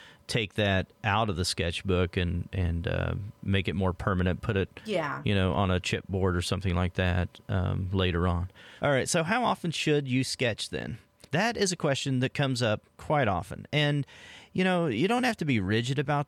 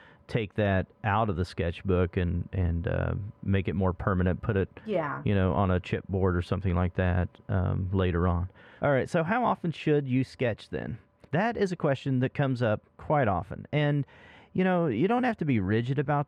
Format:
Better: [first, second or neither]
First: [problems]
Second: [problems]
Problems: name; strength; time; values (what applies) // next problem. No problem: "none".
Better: first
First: none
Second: muffled; very; fading above 3 kHz